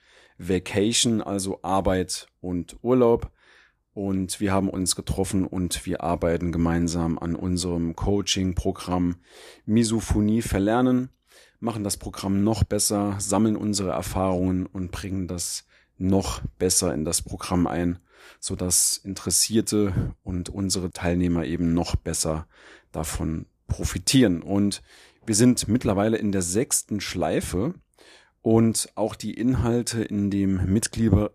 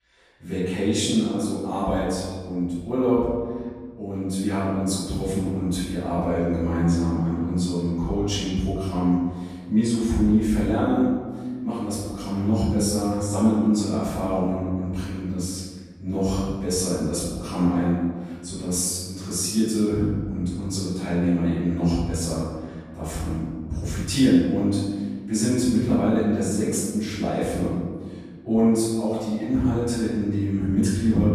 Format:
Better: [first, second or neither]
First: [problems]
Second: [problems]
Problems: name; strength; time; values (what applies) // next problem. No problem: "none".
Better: first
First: none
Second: off-mic speech; far // room echo; strong; dies away in 1.6 s